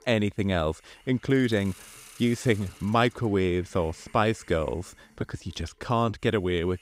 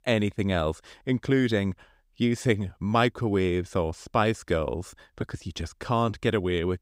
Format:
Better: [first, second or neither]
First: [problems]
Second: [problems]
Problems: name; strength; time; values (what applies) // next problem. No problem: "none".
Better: second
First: hiss; faint; throughout; 25 dB below the speech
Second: none